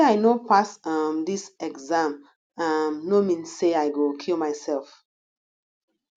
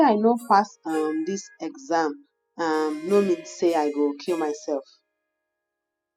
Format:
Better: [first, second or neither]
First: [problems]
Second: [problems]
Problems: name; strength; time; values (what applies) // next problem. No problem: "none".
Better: first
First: none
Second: noise reduction (classical method spectral subtraction)